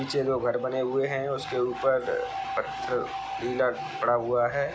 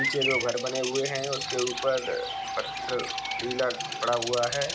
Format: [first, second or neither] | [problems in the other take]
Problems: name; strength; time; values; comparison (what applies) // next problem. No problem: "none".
first | background sound (Bird vocalization, bird call, bird song); 4 dB below the speech